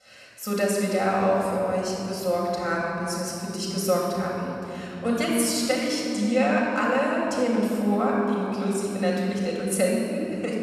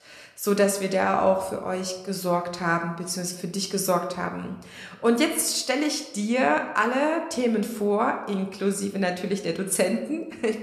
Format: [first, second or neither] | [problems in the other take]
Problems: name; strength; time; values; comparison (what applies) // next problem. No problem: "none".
second | room echo; strong; dies away in 3 s; slight in the second // off-mic speech; far